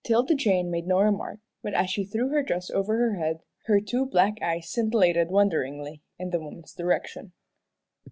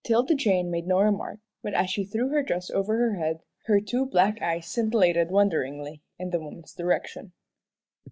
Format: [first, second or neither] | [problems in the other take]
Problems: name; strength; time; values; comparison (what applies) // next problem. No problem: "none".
first | noise reduction (neural mask model Resemble Enhance denoiser)